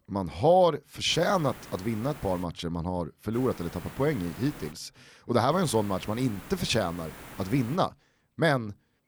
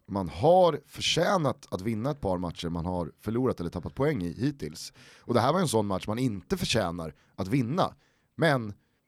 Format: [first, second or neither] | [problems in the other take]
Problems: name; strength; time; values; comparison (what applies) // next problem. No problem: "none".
second | hiss; noticeable; from 1 to 2.5 s, from 3.5 to 4.5 s and from 5.5 to 8 s; 15 dB below the speech